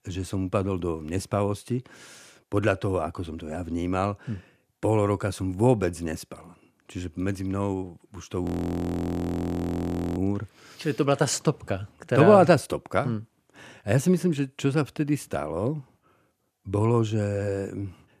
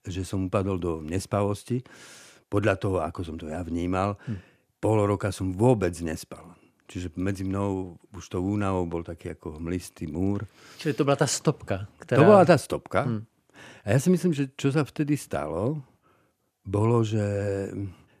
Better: second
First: audio freezing; at 8.5 s for 1.5 s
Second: none

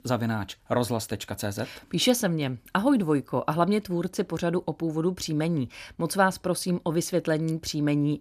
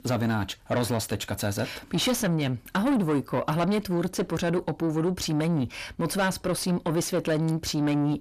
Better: first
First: none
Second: distortion; heavy; 8 dB below the speech

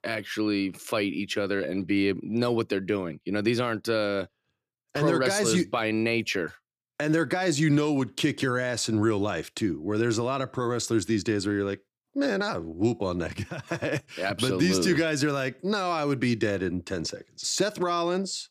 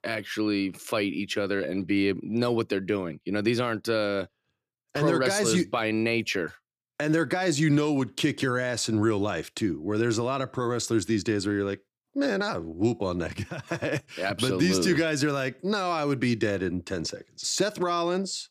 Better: neither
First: none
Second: none

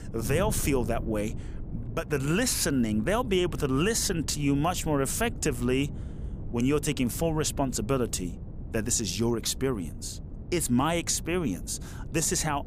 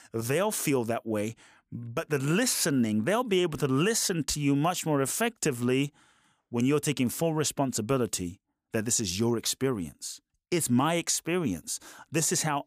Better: second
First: wind noise on the microphone; occasional gusts; 20 dB below the speech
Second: none

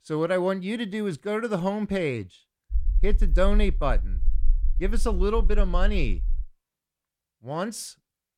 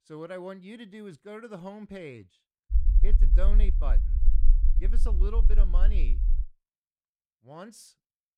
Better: first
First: low rumble; faint; from 2.5 to 6.5 s; 25 dB below the speech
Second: low rumble; loud; from 2.5 to 6.5 s; 9 dB below the speech

